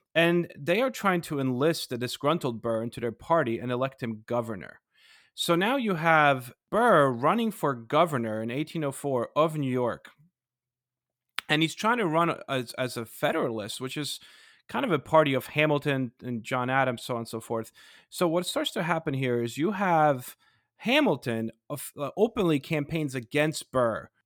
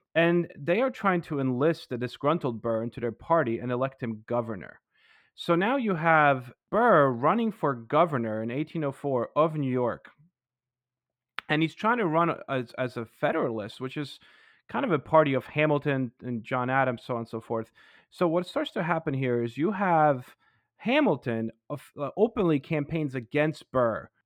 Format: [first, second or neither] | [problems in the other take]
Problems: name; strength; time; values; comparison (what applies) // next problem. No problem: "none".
first | muffled; slightly; fading above 4 kHz